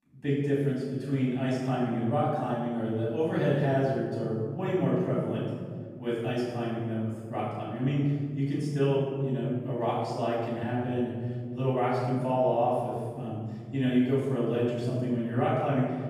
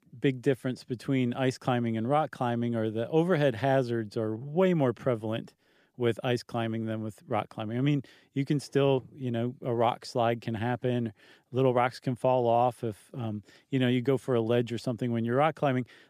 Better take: second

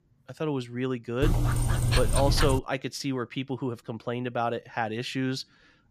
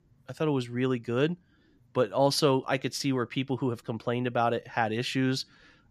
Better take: second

